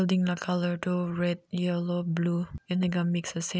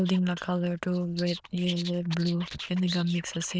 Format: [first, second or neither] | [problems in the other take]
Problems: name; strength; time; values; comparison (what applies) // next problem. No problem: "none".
first | noise reduction (neural diffusion model UNIVERSE++)